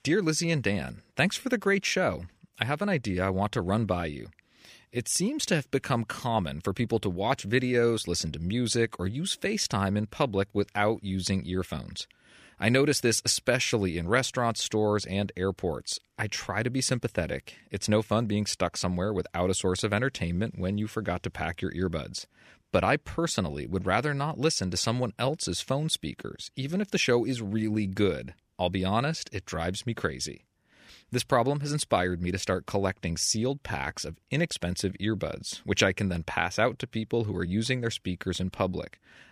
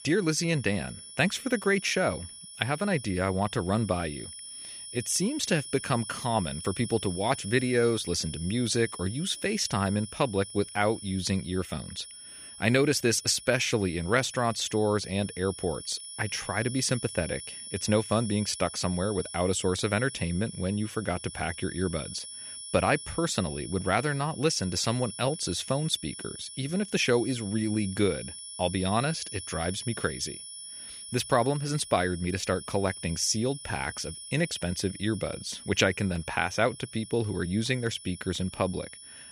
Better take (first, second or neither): first